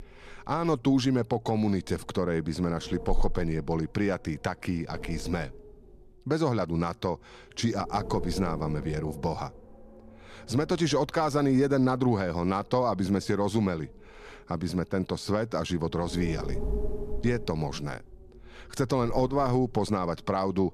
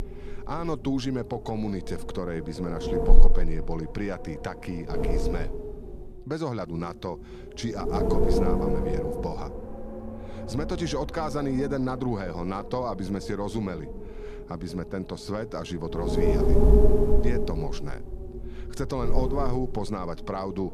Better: first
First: wind noise on the microphone; occasional gusts; 15 dB below the speech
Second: wind noise on the microphone; heavy; as loud as the speech

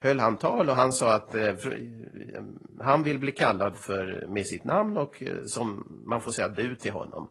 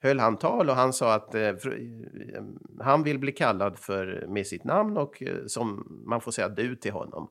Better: second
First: garbled, watery; slightly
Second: none

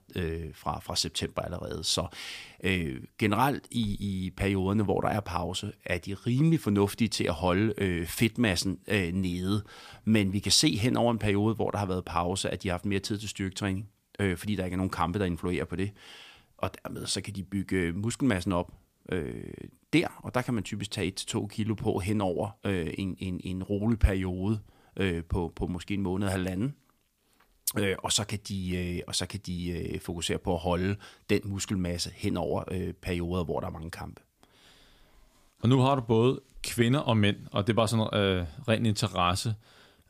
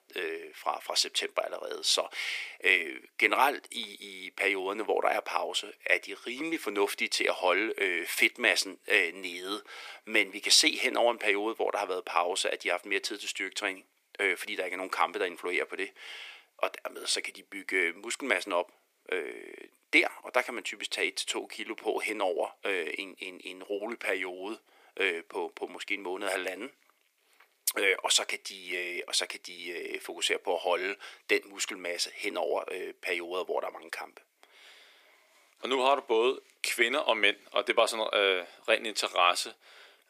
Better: first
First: none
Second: thin; very; fading below 350 Hz

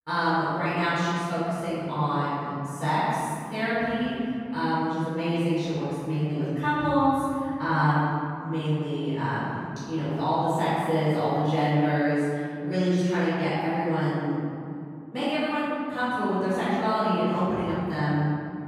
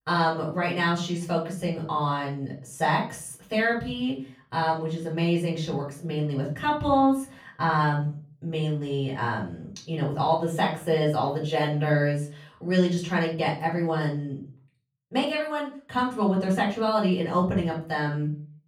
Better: second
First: room echo; strong; dies away in 2.7 s // off-mic speech; far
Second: room echo; slight; dies away in 0.4 s // off-mic speech; far

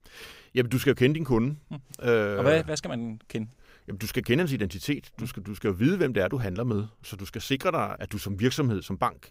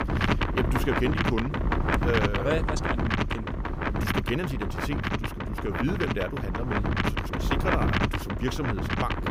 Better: first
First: none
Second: wind noise on the microphone; heavy; 4 dB above the speech

